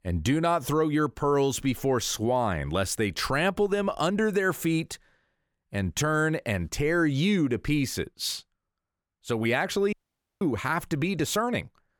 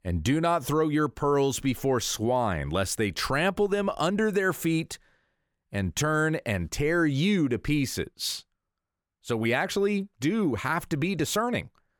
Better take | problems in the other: second | audio cutting out; at 10 s

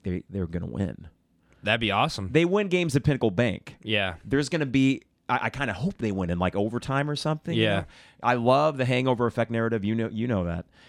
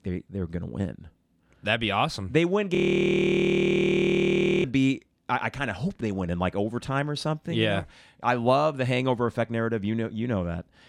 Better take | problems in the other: first | audio freezing; at 3 s for 2 s

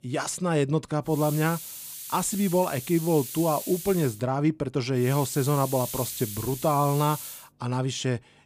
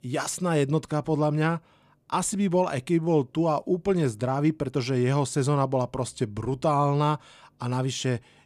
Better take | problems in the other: second | hiss; loud; from 1 to 4 s and from 5 to 7.5 s; 9 dB below the speech

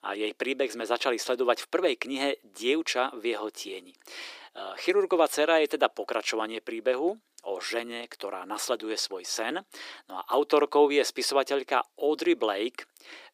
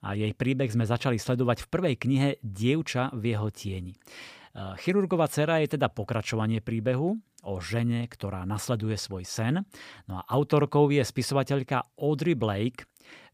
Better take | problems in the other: second | thin; very; fading below 350 Hz

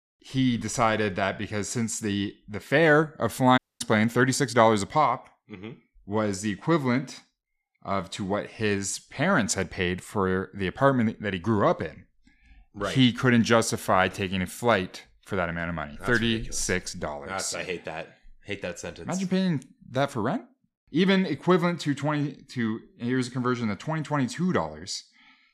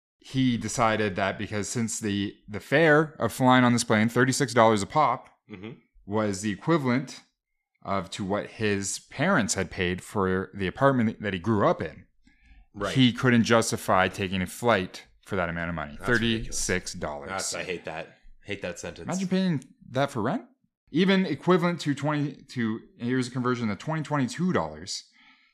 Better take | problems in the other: second | audio cutting out; at 3.5 s

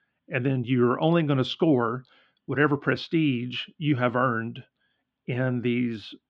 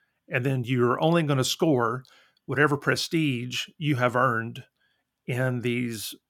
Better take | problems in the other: second | muffled; slightly; fading above 3.5 kHz

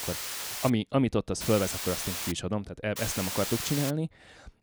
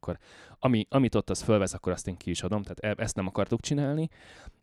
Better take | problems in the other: second | hiss; loud; at the start, at 1.5 s and at 3 s; 3 dB below the speech

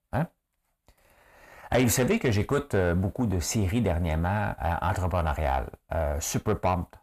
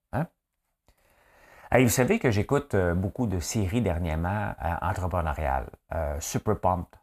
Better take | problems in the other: second | distortion; slight; 10 dB below the speech

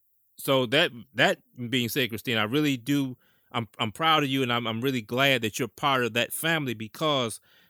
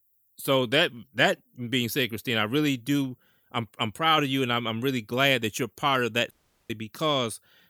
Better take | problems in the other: first | audio cutting out; at 6.5 s

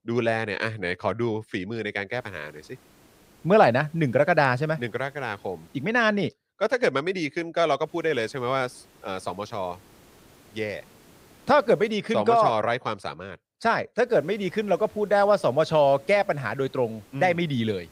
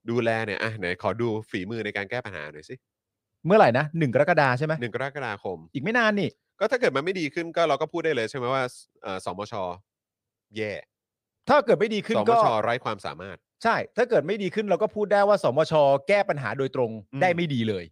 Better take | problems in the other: second | hiss; faint; from 2 to 6 s, from 8 to 12 s and from 14 s on; 30 dB below the speech

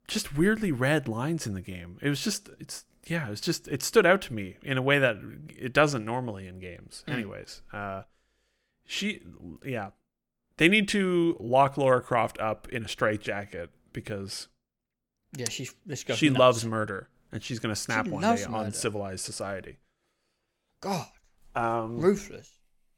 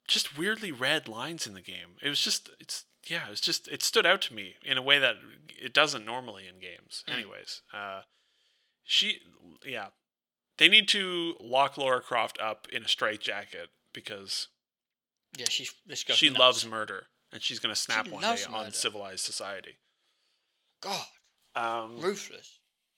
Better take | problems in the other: first | thin; somewhat; fading below 800 Hz

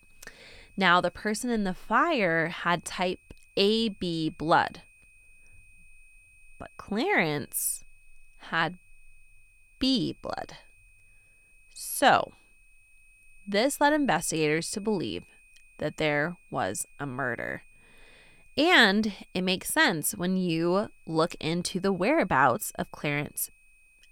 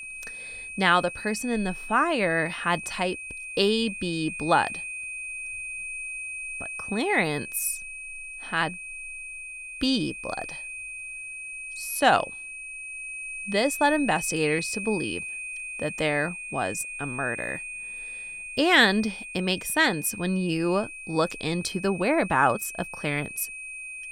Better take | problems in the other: first | high-pitched whine; loud; throughout; 2.5 kHz, 9 dB below the speech; faint in the first

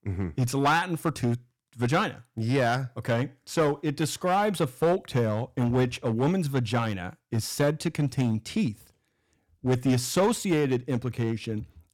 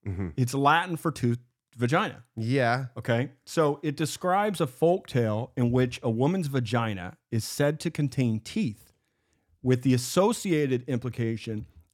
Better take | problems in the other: second | distortion; slight; 5% of the sound clipped

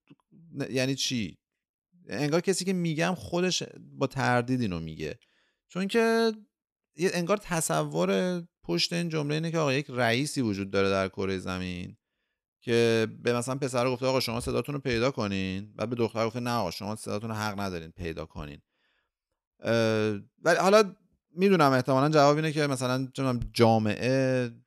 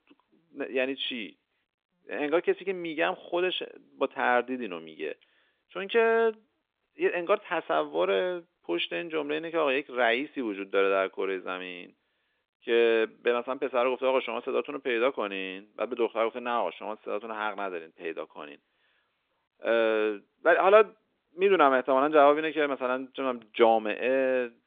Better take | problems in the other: first | phone-call audio; nothing above 3.5 kHz

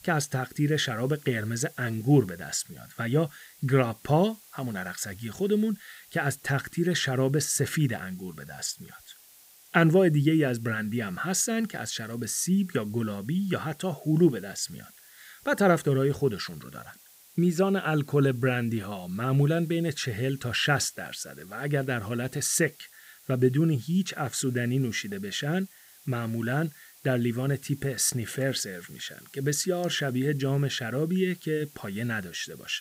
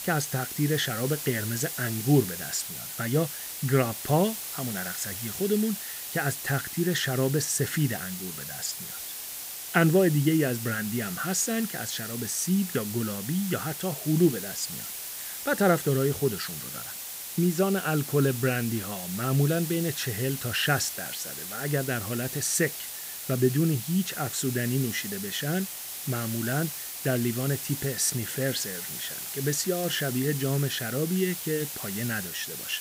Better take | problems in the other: first | hiss; loud; throughout; 6 dB below the speech; faint in the first

